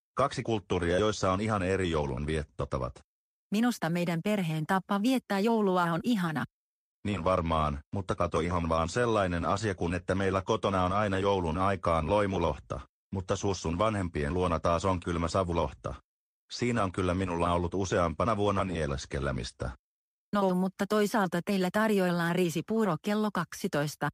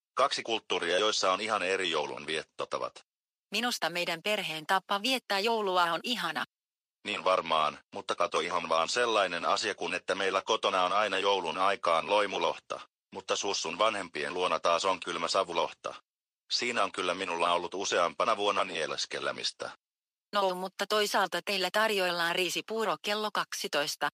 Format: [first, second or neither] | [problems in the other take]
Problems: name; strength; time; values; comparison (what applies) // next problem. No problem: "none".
first | thin; somewhat; fading below 500 Hz